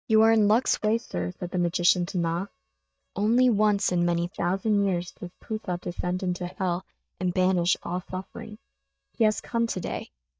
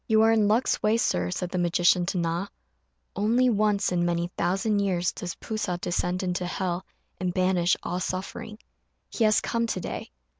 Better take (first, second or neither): second